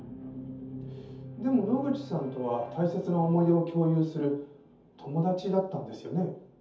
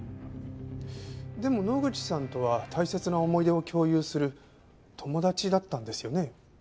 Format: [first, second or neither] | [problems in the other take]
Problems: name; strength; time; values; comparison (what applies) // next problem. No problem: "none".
second | room echo; dies away in 0.5 s